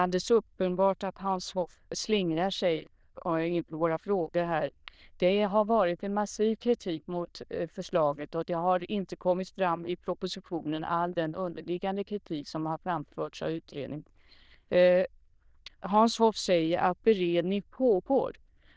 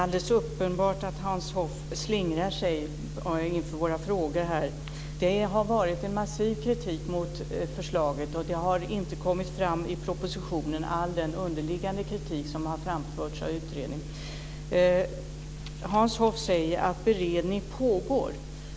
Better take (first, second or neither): second